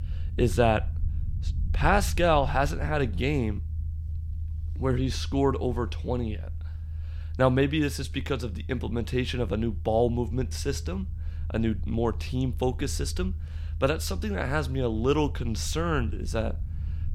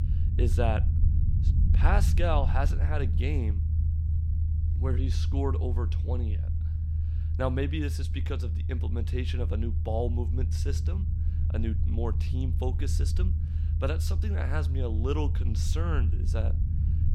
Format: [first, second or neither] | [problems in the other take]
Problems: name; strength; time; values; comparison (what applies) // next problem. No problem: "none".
first | low rumble; loud; throughout; 9 dB below the speech; faint in the first